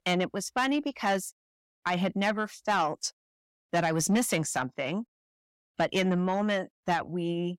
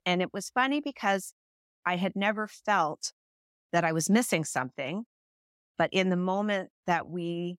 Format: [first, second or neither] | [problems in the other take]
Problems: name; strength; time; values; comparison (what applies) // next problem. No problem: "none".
second | distortion; slight; 10 dB below the speech